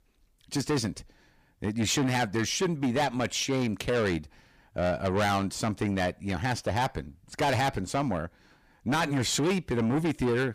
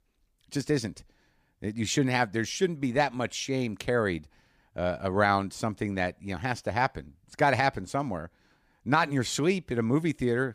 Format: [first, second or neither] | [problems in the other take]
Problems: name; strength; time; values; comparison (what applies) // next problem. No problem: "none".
second | distortion; heavy; 6 dB below the speech